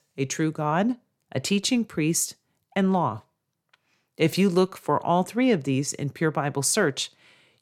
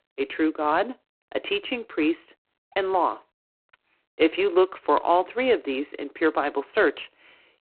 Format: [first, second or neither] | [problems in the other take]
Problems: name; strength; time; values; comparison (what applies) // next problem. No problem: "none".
first | phone-call audio; poor line; nothing above 4 kHz